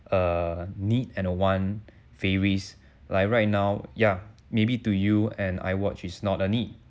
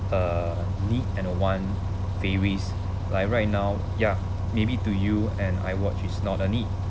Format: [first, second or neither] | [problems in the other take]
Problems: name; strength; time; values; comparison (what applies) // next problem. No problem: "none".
first | background sound (Bus); as loud as the speech